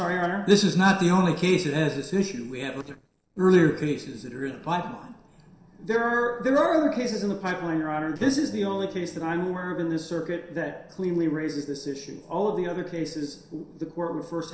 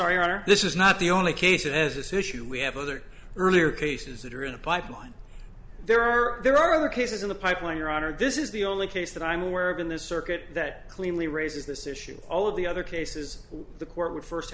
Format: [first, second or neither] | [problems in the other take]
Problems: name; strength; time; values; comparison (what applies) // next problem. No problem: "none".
second | noise reduction (neural separator model SepFormer DNS4)